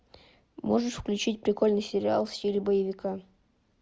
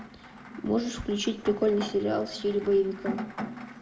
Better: first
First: none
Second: background sound (Rain); 11 dB below the speech // room echo; dies away in 0.7 s

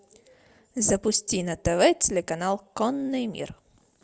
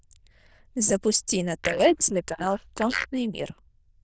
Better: first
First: none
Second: noise reduction (neural diffusion model UNIVERSE++)

